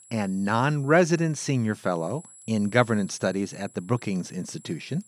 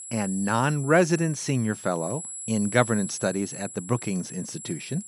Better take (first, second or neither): first